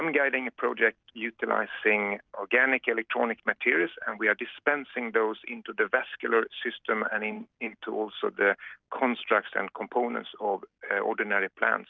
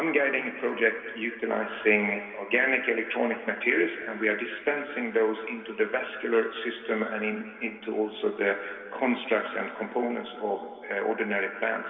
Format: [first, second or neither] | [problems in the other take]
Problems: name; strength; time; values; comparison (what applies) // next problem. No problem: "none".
first | room echo; dies away in 2.4 s